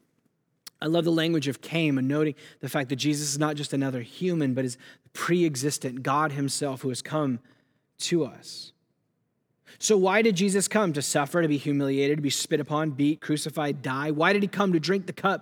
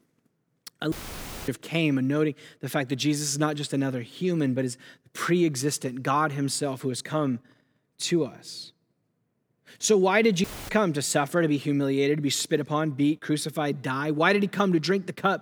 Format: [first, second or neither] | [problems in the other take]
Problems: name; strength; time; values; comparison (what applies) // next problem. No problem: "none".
first | audio cutting out; filled with static; at 1 s for 0.5 s and at 10 s